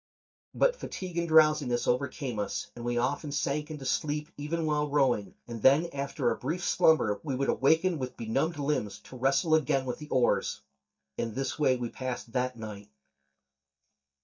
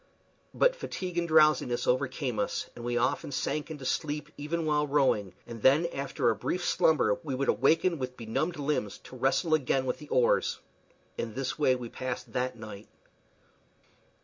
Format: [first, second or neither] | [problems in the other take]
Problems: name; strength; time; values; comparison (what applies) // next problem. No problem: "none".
second | noise reduction (neural mask model DeepFilterNet 3)